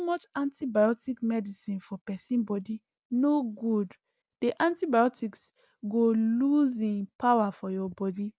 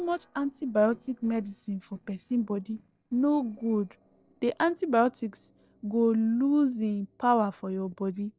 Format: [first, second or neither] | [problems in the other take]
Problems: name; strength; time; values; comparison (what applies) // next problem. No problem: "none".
first | noise reduction (neural separator model SepFormer DNS4)